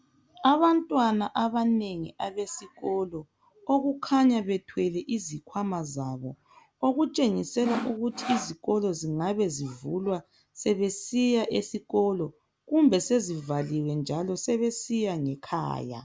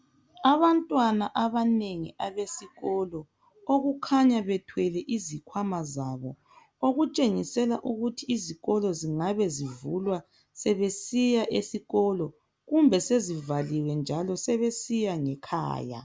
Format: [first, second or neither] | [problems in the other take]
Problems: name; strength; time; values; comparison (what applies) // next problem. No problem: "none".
second | background sound (Sawing); 6 dB below the speech